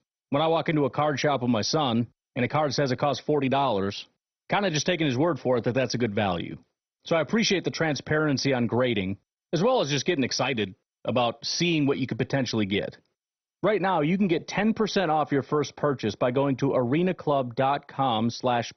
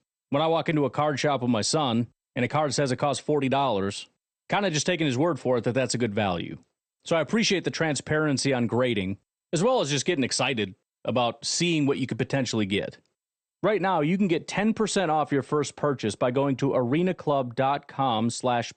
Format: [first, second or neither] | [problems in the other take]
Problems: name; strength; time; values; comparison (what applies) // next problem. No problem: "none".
second | garbled, watery; badly; nothing above 6 kHz; slightly in the second